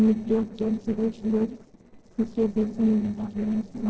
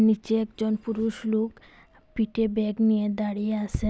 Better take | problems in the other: second | noise reduction (neural separator model SepFormer DNS4)

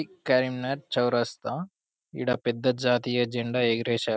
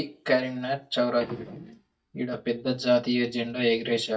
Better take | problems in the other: first | noise reduction (neural mask model DeepFilterNet 3)

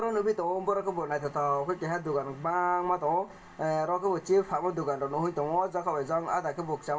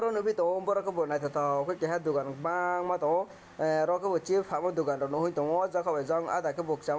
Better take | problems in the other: second | room echo; dies away in 0.2 s

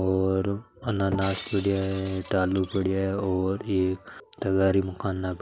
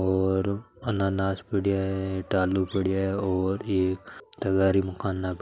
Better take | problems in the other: second | background sound (Shatter); 17 dB below the speech

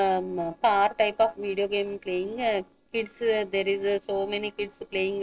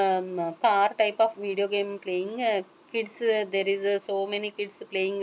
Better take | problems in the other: second | noise reduction (neural separator model SepFormer DNS4)

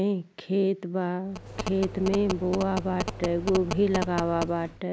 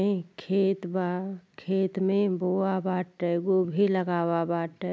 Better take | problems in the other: second | background sound (Telephone); 8 dB below the speech

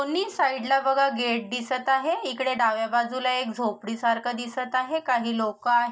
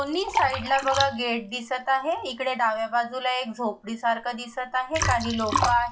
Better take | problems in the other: first | noise reduction (classical method log-MMSE)

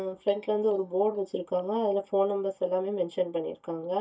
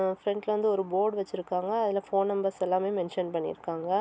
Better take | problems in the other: second | noise reduction (neural mask model DeepFilterNet 3)

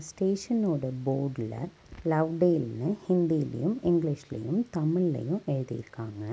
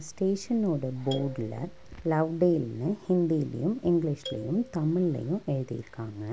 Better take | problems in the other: first | background sound (Marimba, xylophone + Breathing); 18 dB below the speech

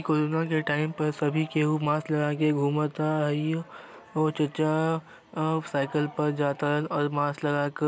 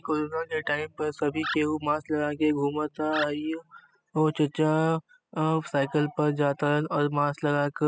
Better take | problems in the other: first | noise reduction (classical method spectral subtraction)

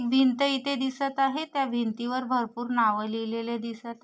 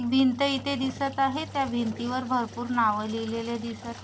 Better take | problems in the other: first | background sound (Engine); 15 dB below the speech

